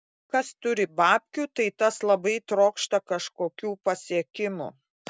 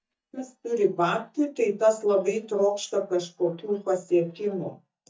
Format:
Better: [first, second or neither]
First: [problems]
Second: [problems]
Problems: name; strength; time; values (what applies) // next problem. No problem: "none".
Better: first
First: none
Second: noise reduction (neural mask model DeepFilterNet 3)